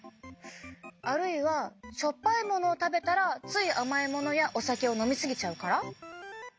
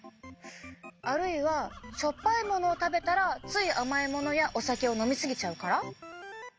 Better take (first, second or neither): first